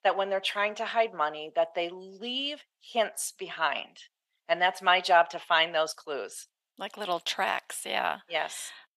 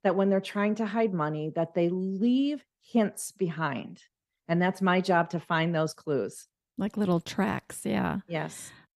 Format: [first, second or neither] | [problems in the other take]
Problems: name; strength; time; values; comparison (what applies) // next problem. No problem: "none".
second | thin; very; fading below 750 Hz